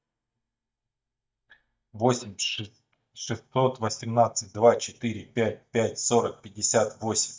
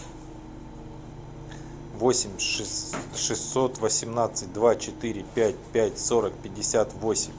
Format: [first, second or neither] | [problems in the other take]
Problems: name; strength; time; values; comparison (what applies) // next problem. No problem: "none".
second | noise reduction (neural mask model DeepFilterNet 3)